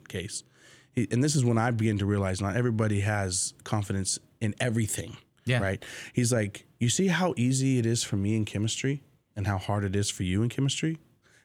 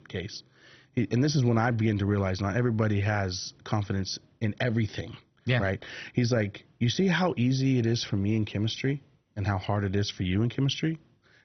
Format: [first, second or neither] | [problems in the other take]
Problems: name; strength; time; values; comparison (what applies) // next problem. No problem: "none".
first | garbled, watery; badly; nothing above 6 kHz